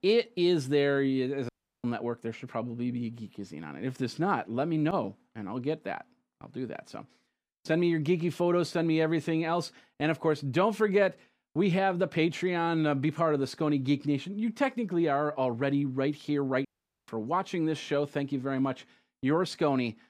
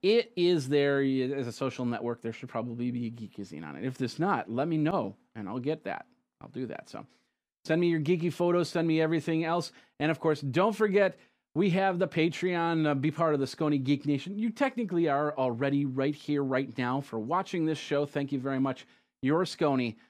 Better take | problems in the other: second | audio cutting out; at 1.5 s and at 17 s

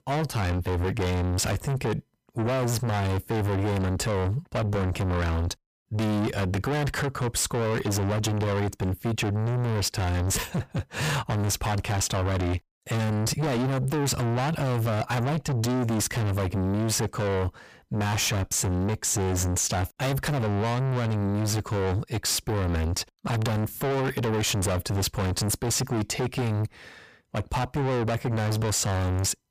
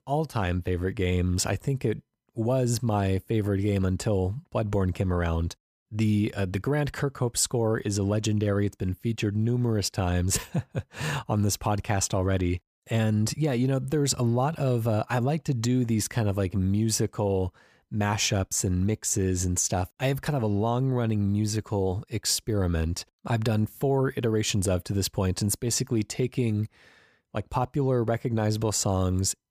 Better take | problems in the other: second | distortion; heavy; 6 dB below the speech

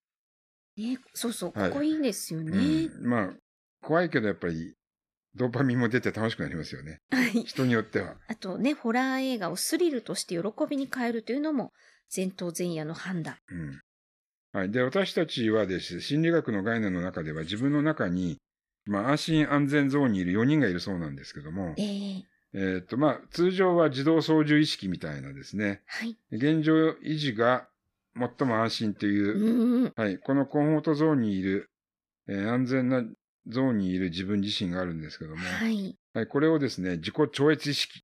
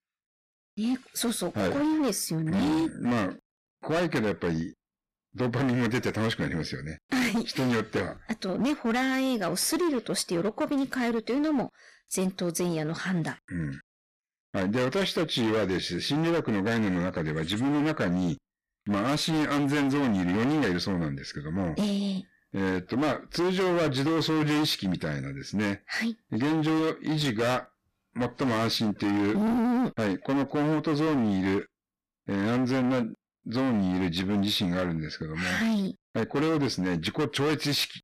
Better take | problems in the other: first | distortion; heavy; 22% of the sound clipped

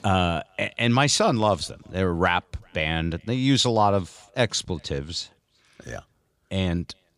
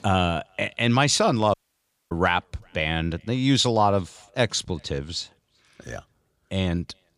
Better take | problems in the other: first | audio cutting out; at 1.5 s for 0.5 s

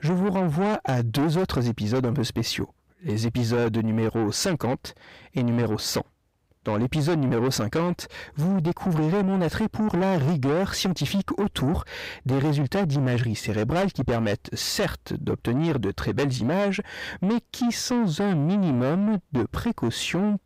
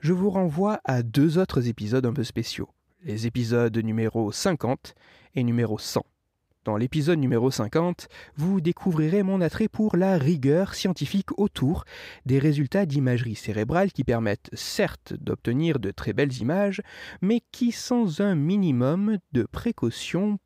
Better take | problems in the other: second | distortion; heavy; 7 dB below the speech

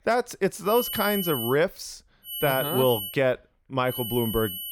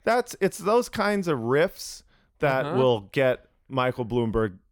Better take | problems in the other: second | high-pitched whine; loud; at 0.5 s, at 2.5 s and at 4 s; 3 kHz, 5 dB below the speech

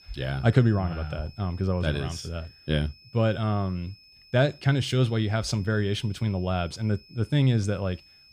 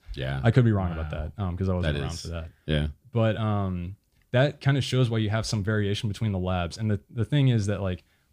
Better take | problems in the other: second | high-pitched whine; faint; throughout; 5 kHz, 25 dB below the speech

